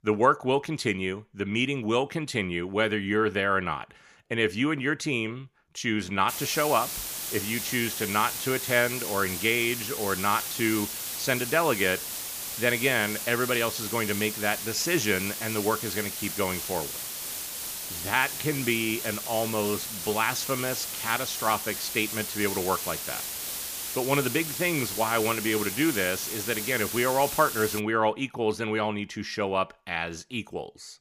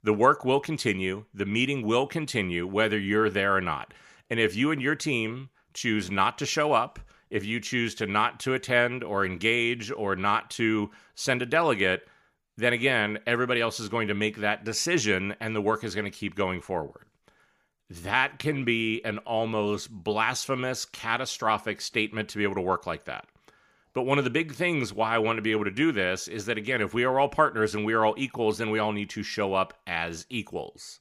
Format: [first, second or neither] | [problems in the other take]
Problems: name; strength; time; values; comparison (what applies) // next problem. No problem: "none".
second | hiss; loud; from 6.5 to 28 s; 4 dB below the speech